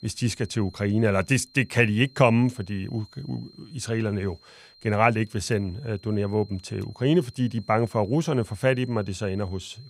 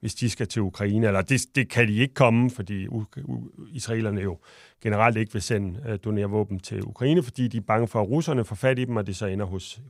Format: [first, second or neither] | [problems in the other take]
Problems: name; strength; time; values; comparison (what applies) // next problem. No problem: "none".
second | high-pitched whine; faint; throughout; 4 kHz, 25 dB below the speech